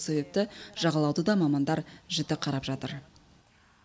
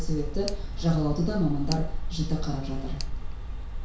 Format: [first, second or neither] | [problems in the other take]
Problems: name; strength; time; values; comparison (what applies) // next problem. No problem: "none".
first | background sound (Tick); as loud as the speech // room echo; dies away in 0.6 s